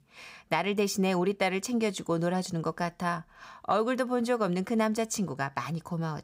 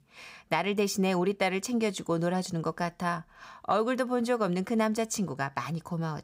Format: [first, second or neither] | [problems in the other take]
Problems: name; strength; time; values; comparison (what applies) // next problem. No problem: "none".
neither | none